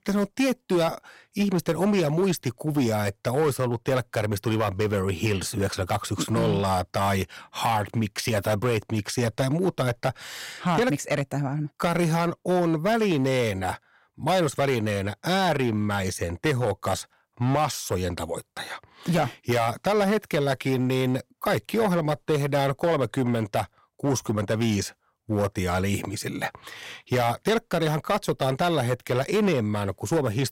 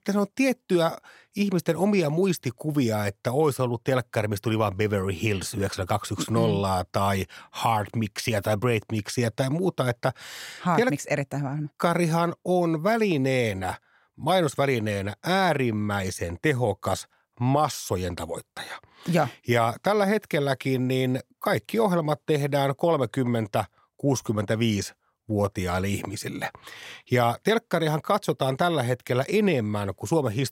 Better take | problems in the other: second | distortion; slight; 7% of the sound clipped

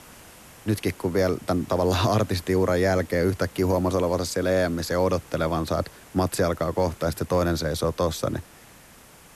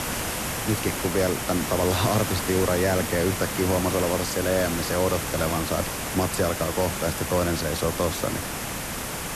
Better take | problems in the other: first | hiss; loud; throughout; 3 dB below the speech; faint in the first

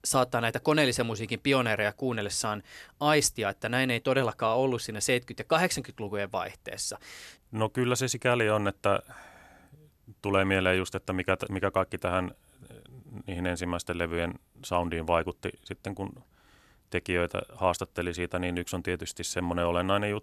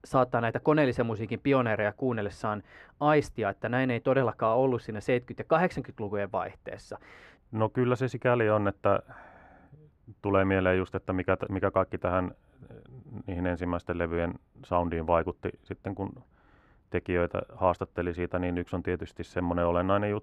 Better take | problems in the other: first | muffled; very; fading above 3.5 kHz

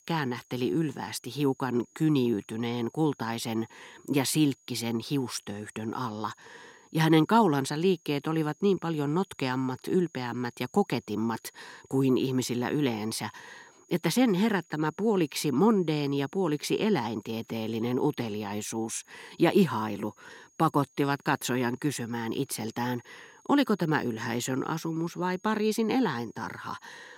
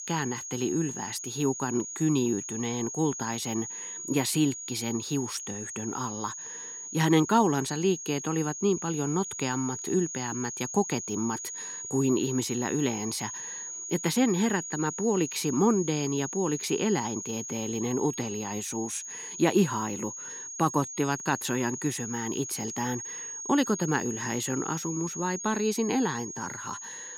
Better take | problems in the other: first | high-pitched whine; loud; throughout; 6.5 kHz, 7 dB below the speech; faint in the first

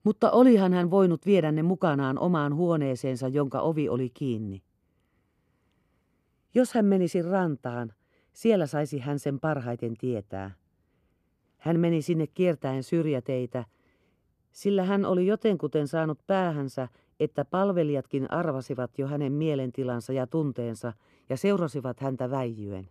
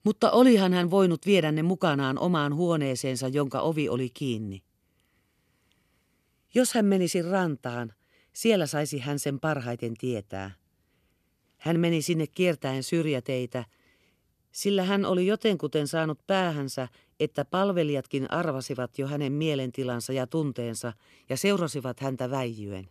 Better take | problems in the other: second | muffled; slightly; fading above 2 kHz

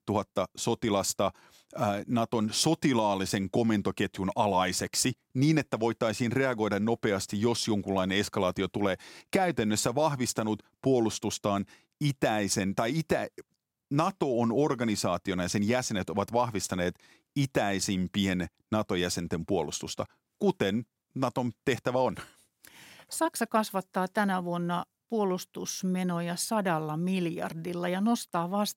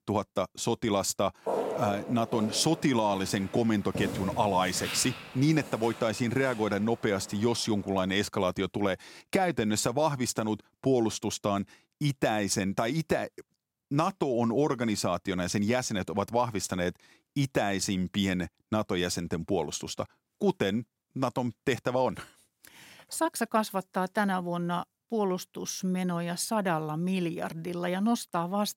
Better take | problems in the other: first | footsteps; noticeable; from 1.5 to 6.5 s; peak 2 dB below the speech

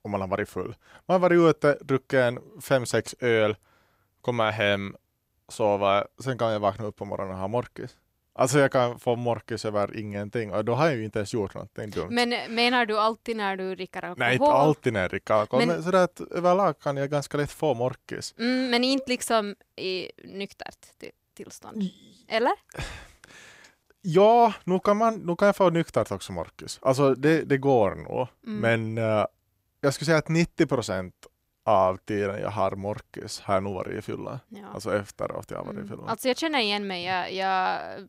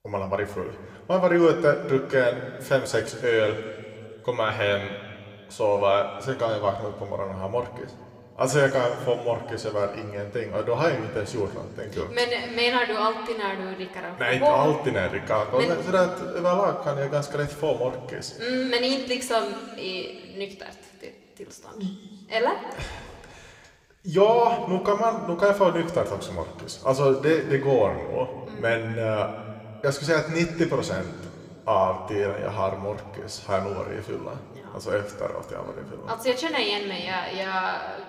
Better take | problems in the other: first | room echo; slight; dies away in 2.2 s

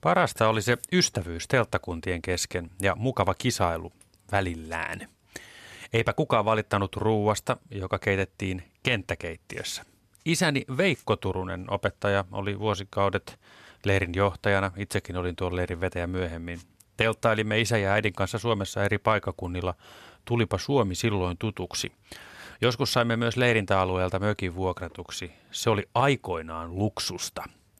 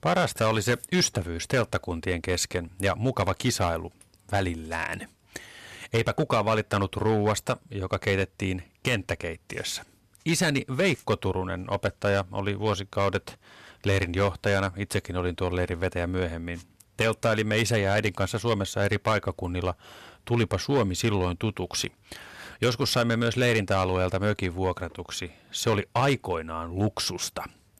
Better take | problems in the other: first | distortion; slight; 4% of the sound clipped

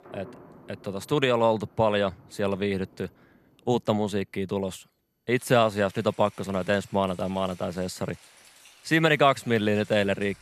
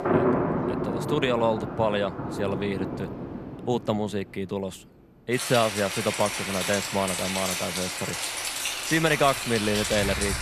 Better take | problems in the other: first | rain or running water; loud; throughout; 2 dB below the speech; faint in the first

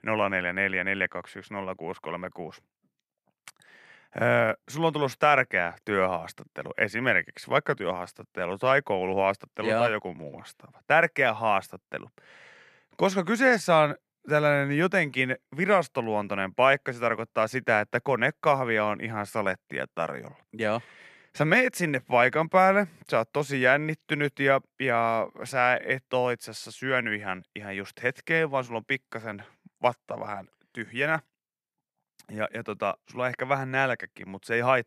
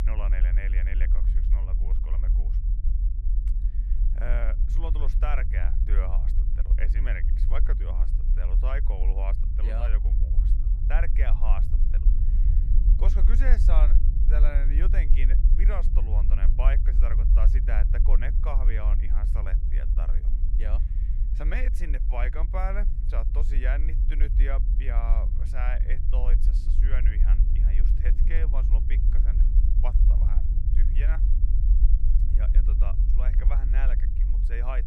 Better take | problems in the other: first | low rumble; loud; throughout; 8 dB below the speech

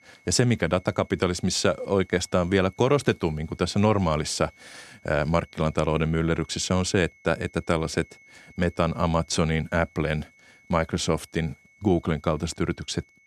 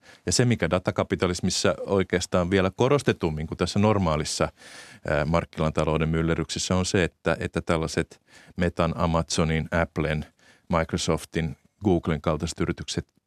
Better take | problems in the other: second | high-pitched whine; faint; throughout; 2 kHz, 30 dB below the speech

